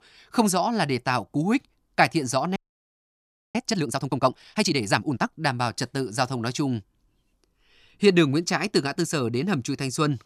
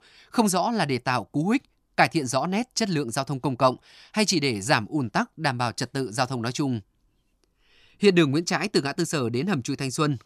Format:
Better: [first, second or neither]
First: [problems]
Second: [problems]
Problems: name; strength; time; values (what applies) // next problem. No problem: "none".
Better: second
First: audio freezing; at 2.5 s for 1 s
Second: none